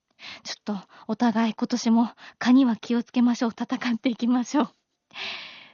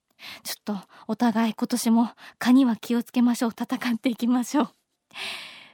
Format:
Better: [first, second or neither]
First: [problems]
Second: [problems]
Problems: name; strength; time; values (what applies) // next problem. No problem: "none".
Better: second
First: garbled, watery; slightly; nothing above 6.5 kHz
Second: none